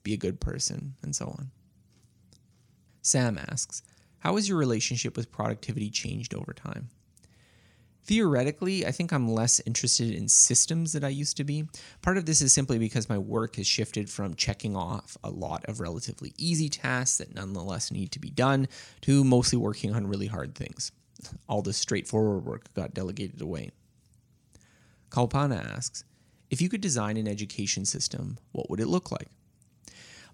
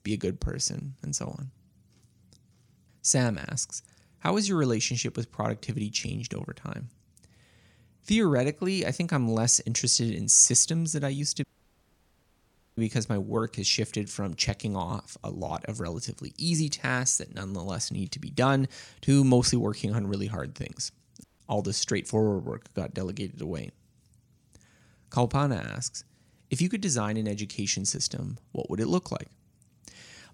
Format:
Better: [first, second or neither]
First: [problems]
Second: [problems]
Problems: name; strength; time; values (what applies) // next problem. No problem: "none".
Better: first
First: none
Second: audio cutting out; at 11 s for 1.5 s and at 21 s